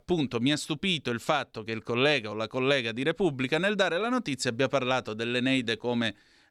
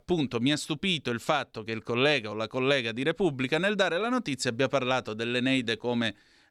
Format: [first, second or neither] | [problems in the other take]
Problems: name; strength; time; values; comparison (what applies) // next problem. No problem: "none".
neither | none